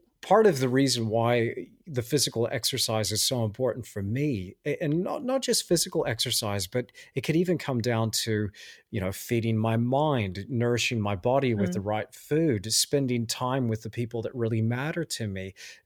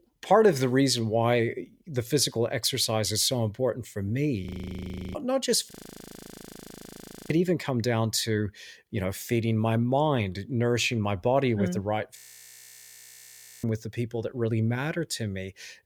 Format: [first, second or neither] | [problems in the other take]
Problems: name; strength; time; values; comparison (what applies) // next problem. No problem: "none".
first | audio freezing; at 4.5 s for 0.5 s, at 5.5 s for 1.5 s and at 12 s for 1.5 s